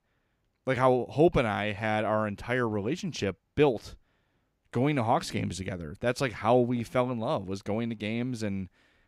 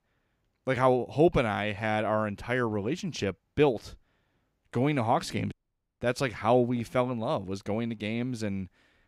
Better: first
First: none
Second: audio cutting out; at 5.5 s

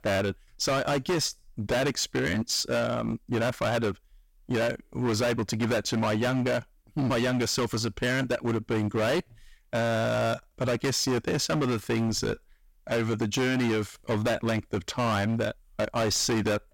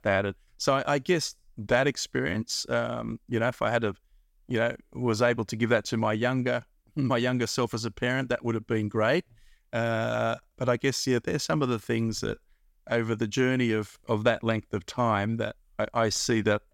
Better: second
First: distortion; heavy; 22% of the sound clipped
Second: none

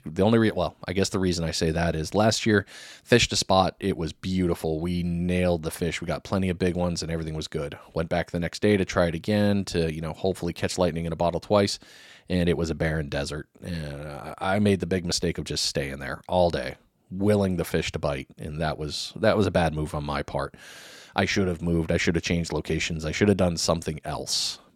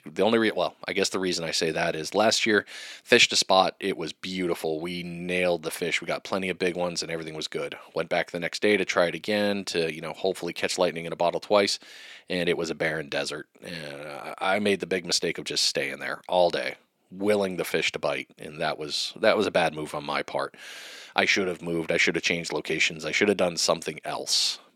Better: first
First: none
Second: thin; somewhat; fading below 300 Hz

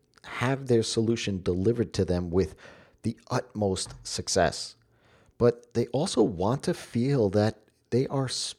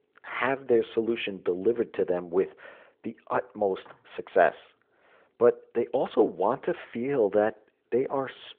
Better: first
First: none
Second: phone-call audio

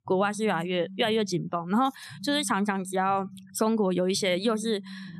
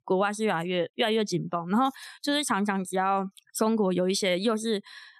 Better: second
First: alarms or sirens; noticeable; throughout; 15 dB below the speech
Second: none

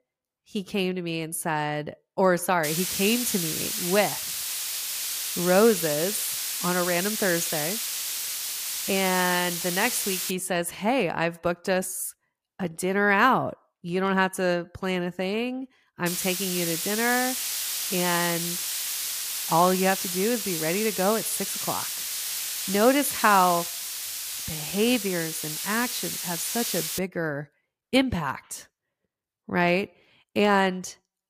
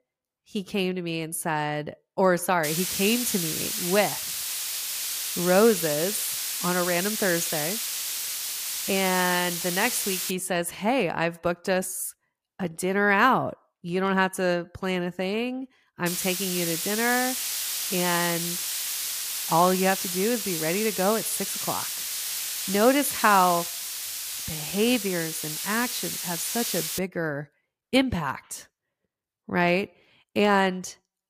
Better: neither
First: hiss; loud; from 2.5 to 10 s and from 16 to 27 s; 2 dB below the speech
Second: hiss; loud; from 2.5 to 10 s and from 16 to 27 s; 2 dB below the speech

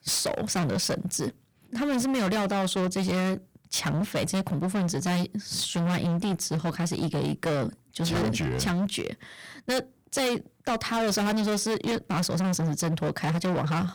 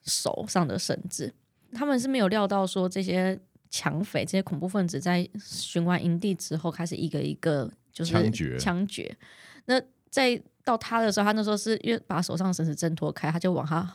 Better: second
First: distortion; heavy; 28% of the sound clipped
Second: none

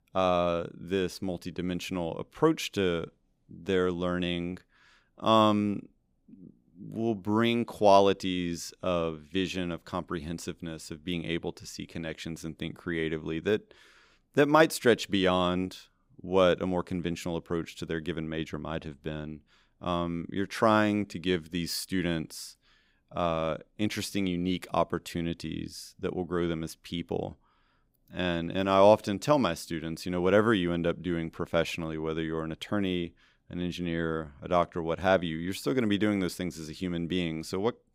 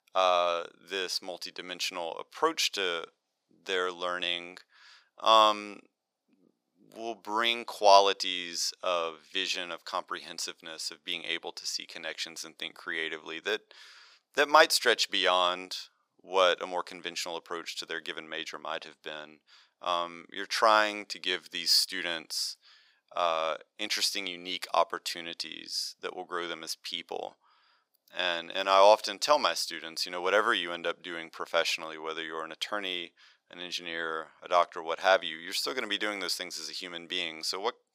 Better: first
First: none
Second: thin; very; fading below 800 Hz

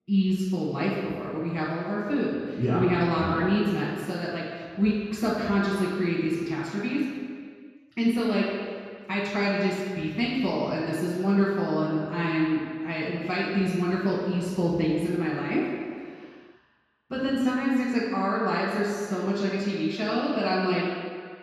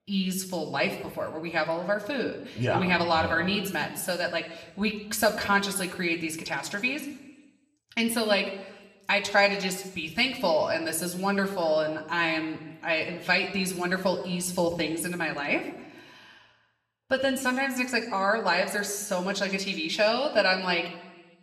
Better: second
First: room echo; strong; dies away in 2 s // off-mic speech; far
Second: room echo; slight; dies away in 0.9 s // off-mic speech; somewhat distant

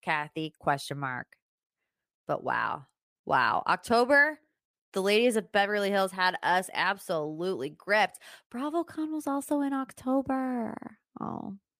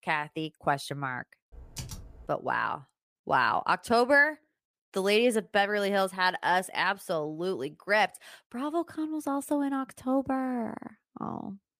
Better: first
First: none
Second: keyboard typing; faint; at 1.5 s; peak 15 dB below the speech

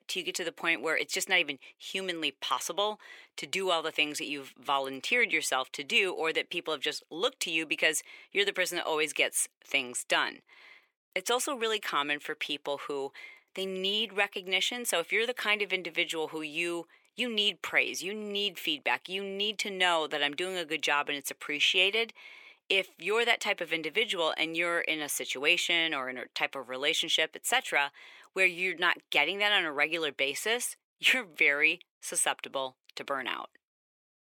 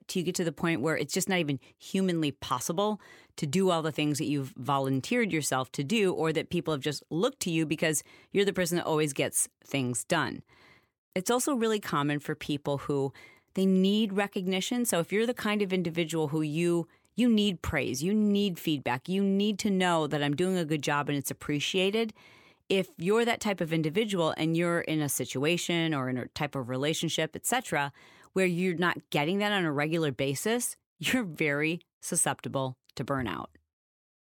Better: second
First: thin; very; fading below 500 Hz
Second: none

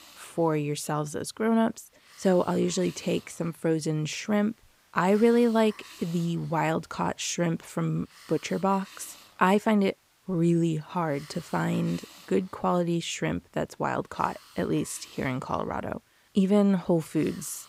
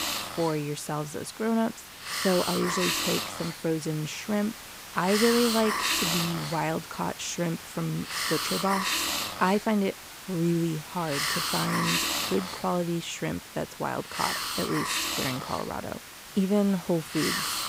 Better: first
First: hiss; faint; throughout; 25 dB below the speech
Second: hiss; loud; throughout; as loud as the speech

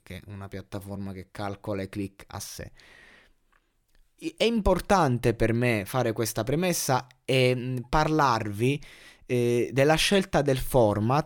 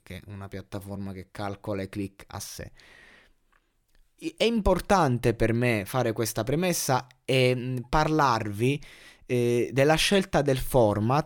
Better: neither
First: none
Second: none

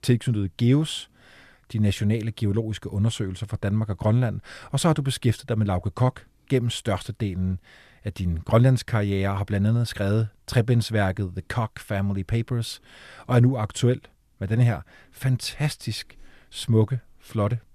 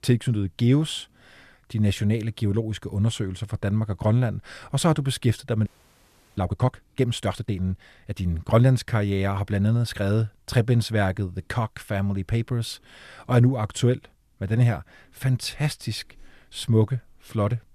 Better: first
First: none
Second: audio freezing; at 5.5 s for 0.5 s

